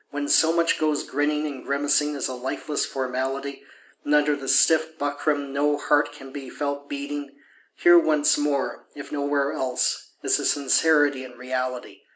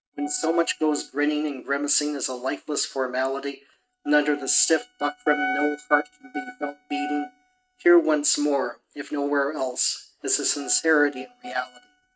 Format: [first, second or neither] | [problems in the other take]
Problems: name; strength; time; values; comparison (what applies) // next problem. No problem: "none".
first | noise reduction (neural mask model RNNoise)